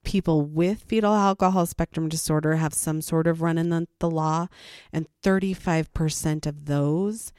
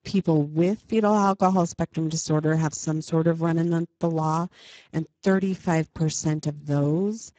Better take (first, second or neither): first